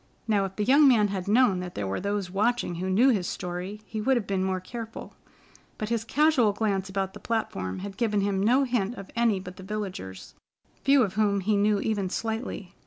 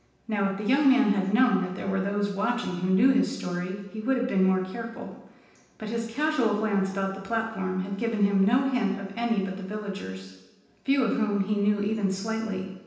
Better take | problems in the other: first | room echo; dies away in 0.9 s

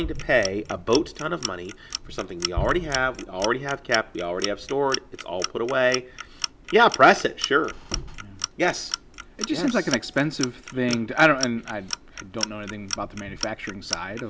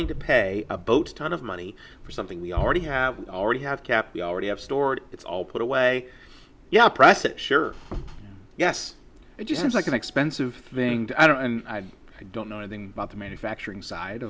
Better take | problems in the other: second | background sound (Clock); 11 dB below the speech

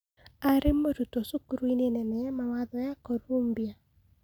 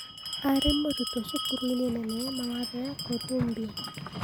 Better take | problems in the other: first | background sound (Bell); 5 dB below the speech

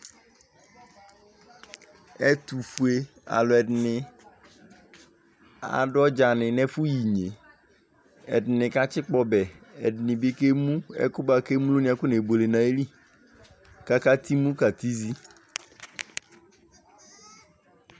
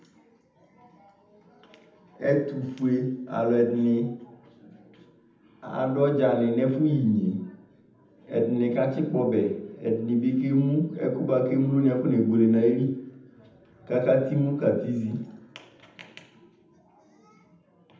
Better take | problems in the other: first | room echo; dies away in 0.8 s

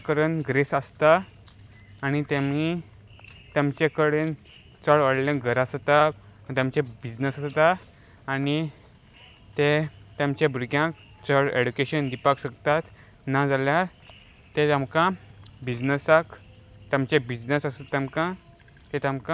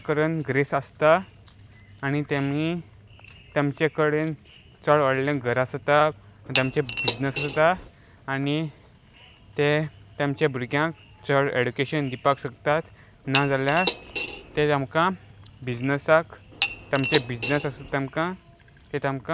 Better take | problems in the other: first | background sound (Cutlery, silverware / Dishes, pots, and pans); 6 dB below the speech

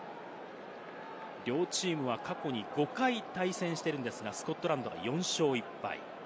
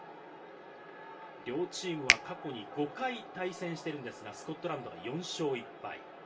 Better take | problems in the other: first | background sound (Finger snapping); 3 dB above the speech // room echo; dies away in 0.2 s

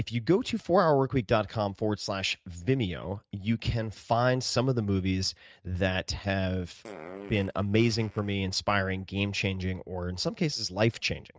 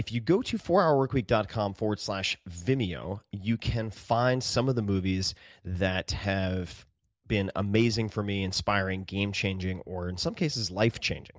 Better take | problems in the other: second | noise reduction (neural mask model RNNoise)

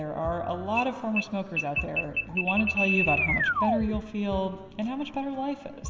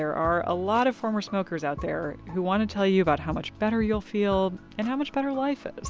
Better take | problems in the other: second | background sound (Alarm); 1 dB above the speech // room echo; dies away in 2 s

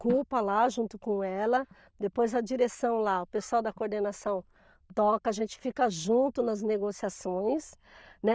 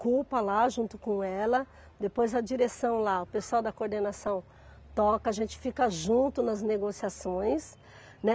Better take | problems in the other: second | noise reduction (neural diffusion model UNIVERSE++)

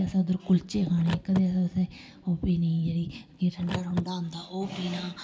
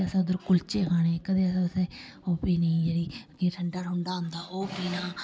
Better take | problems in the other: second | background sound (Car); 13 dB below the speech // room echo; dies away in 0.3 s

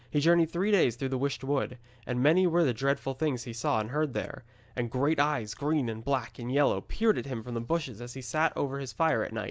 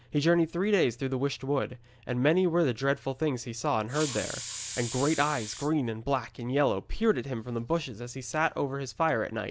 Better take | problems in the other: first | background sound (Hiss); 10 dB below the speech

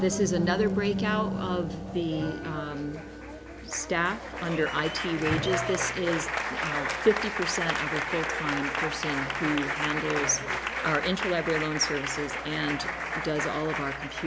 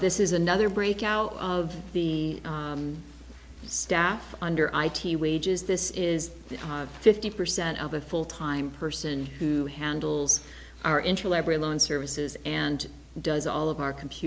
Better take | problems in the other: second | background sound (Applause); 2 dB below the speech

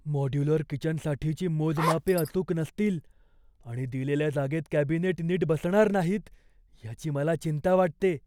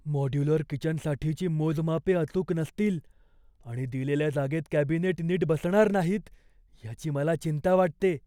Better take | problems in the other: second | background sound (Zipper (clothing)); 3 dB below the speech

